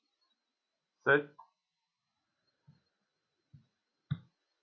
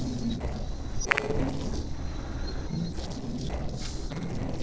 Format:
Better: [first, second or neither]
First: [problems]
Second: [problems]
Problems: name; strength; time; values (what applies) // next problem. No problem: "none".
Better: first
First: none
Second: noise reduction (neural separator model SepFormer DNS4)